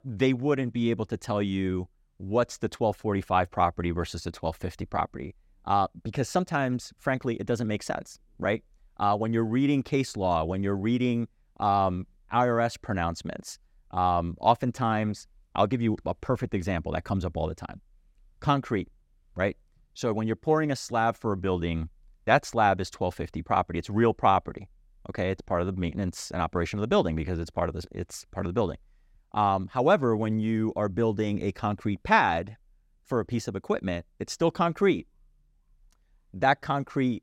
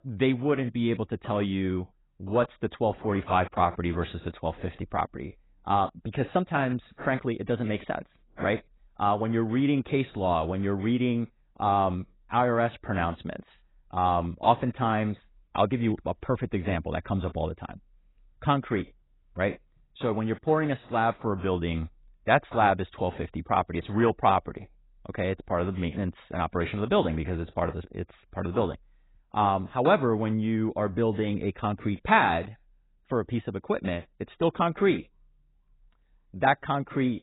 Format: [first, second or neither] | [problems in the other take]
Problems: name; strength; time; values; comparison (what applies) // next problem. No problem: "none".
first | garbled, watery; badly; nothing above 4 kHz